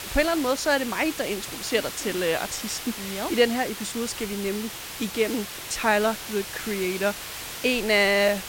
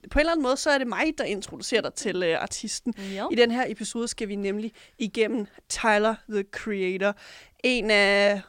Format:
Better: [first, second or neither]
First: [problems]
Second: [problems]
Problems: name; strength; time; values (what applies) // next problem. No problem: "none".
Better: second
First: hiss; loud; throughout; 8 dB below the speech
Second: none